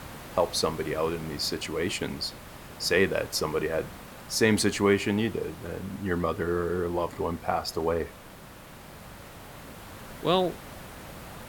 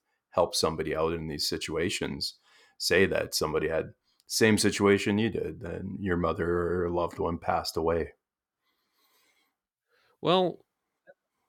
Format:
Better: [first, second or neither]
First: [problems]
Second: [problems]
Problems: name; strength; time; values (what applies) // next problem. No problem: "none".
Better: second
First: hiss; noticeable; throughout; 15 dB below the speech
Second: none